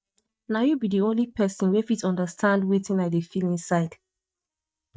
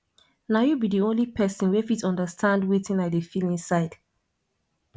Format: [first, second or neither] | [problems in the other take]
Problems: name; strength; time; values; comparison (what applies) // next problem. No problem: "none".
second | noise reduction (neural mask model DeepFilterNet 3)